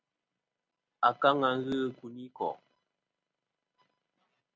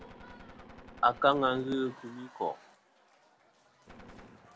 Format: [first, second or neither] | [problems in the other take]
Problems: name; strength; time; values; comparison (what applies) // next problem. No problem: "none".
first | background sound (Gunshot, gunfire + Applause / Crowd); 19 dB below the speech